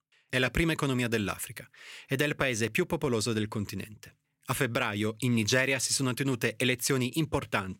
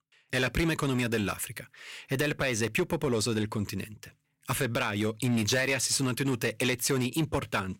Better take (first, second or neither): first